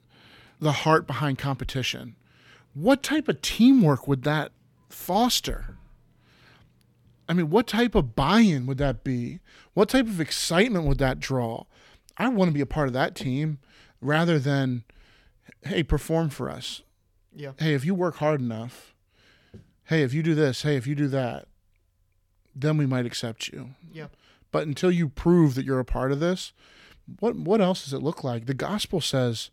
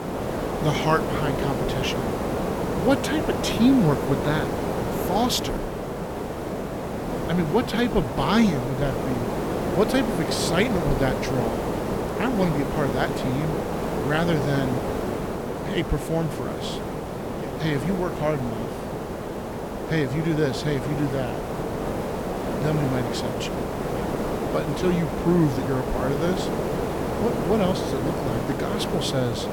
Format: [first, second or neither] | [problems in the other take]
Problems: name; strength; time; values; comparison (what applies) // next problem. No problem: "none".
first | hiss; loud; throughout; 2 dB below the speech